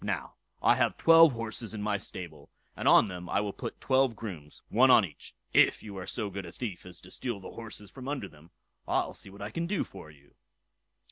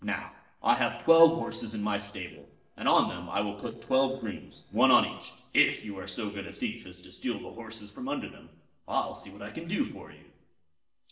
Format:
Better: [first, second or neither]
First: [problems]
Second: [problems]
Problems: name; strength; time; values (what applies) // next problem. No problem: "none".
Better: first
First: none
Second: noise reduction (neural separator model SepFormer DNS4)